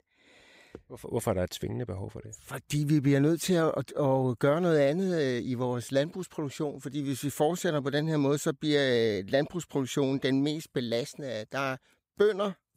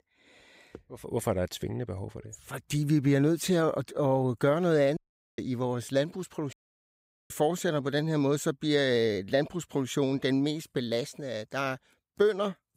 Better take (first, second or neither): first